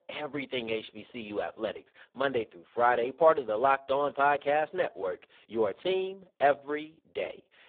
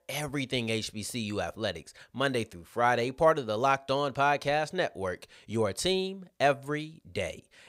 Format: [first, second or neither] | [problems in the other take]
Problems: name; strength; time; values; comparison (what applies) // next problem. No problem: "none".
second | phone-call audio; poor line